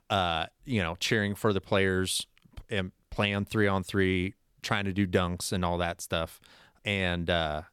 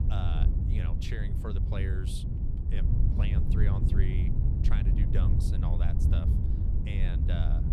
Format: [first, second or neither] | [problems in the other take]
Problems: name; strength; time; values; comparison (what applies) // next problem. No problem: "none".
first | wind noise on the microphone; heavy; 1 dB above the speech